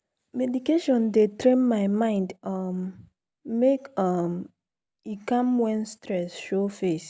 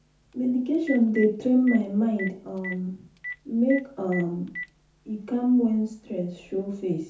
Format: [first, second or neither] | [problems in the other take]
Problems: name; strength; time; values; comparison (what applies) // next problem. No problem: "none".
first | background sound (Telephone); 16 dB below the speech // room echo; dies away in 0.6 s